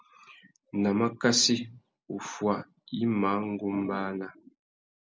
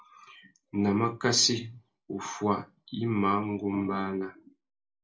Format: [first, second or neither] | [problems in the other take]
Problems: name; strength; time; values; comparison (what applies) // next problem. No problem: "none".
first | room echo; dies away in 0.2 s